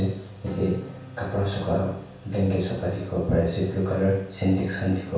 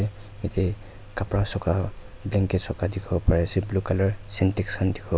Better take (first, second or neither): second